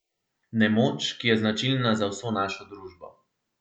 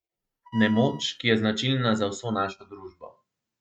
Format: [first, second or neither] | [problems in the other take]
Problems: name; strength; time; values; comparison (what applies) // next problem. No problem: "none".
first | noise reduction (neural mask model RNNoise)